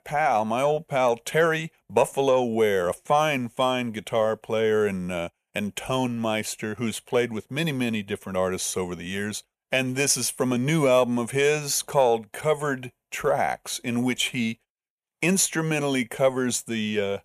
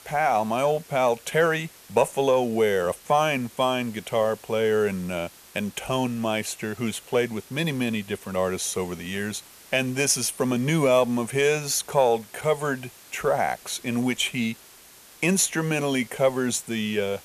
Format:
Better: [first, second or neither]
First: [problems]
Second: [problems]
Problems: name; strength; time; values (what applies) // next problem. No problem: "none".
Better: first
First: none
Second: hiss; faint; throughout; 20 dB below the speech